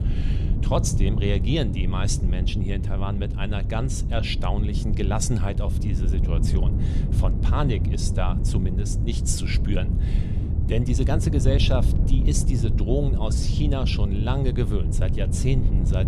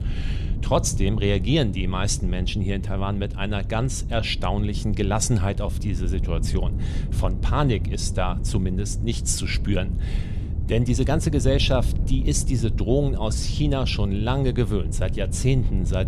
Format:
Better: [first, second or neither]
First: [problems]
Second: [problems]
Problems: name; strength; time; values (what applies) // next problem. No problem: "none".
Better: second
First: wind noise on the microphone; heavy; 7 dB below the speech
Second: wind noise on the microphone; occasional gusts; 15 dB below the speech